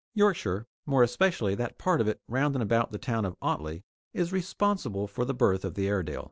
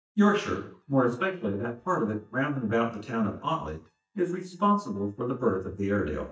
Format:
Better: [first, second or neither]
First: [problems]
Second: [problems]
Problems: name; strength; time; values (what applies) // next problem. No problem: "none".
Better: first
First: none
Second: noise reduction (neural mask model DeepFilterNet 3)